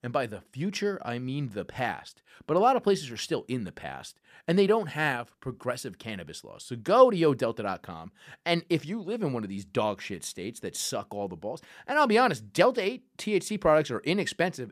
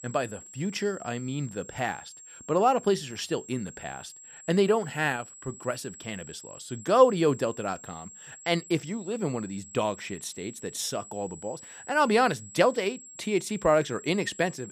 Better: first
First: none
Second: high-pitched whine; noticeable; throughout; 7.5 kHz, 15 dB below the speech

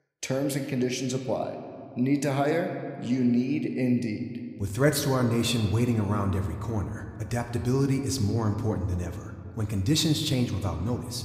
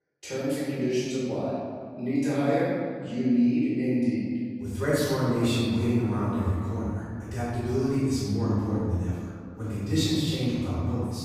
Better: first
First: room echo; slight; dies away in 1.8 s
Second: room echo; strong; dies away in 1.9 s // off-mic speech; far

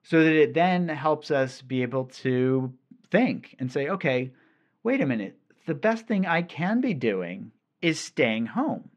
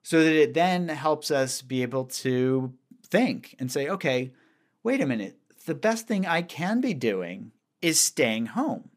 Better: second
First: muffled; slightly; fading above 2.5 kHz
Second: none

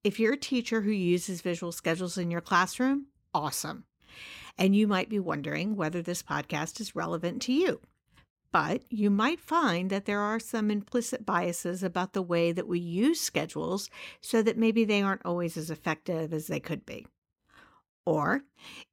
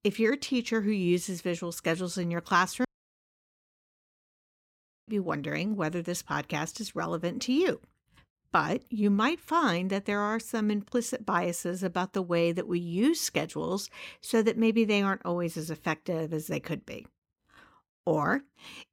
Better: first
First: none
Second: audio cutting out; at 3 s for 2 s

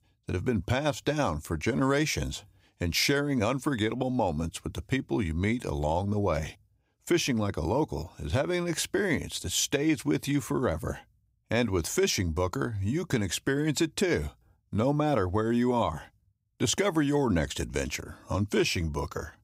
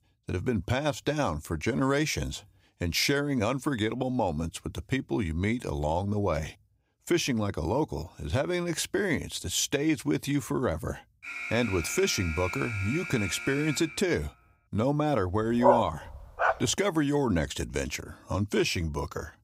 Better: first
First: none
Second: alarm; noticeable; from 11 to 14 s; peak 6 dB below the speech // dog barking; loud; at 16 s; peak 5 dB above the speech

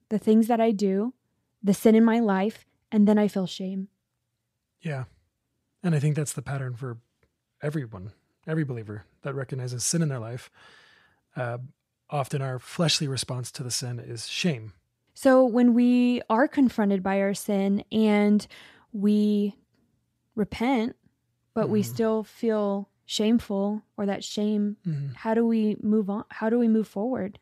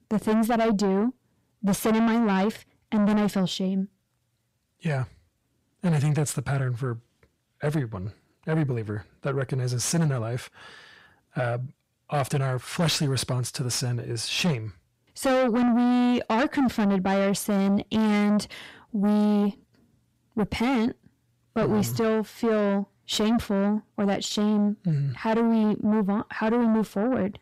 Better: first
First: none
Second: distortion; heavy; 7 dB below the speech

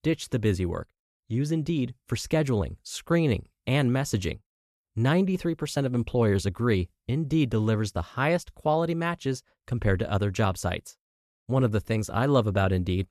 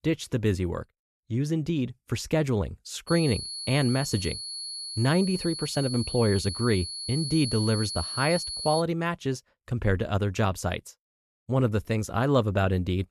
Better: first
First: none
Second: high-pitched whine; loud; from 3 to 9 s; 4.5 kHz, 6 dB below the speech

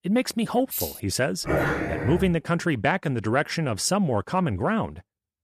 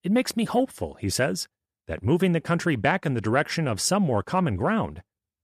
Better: second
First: jangling keys; noticeable; at 0.5 s; peak 5 dB below the speech // dog barking; loud; at 1.5 s; peak 1 dB above the speech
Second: none

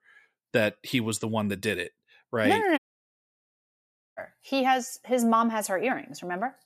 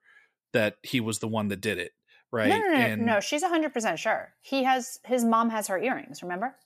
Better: second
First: audio cutting out; at 3 s for 1.5 s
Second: none

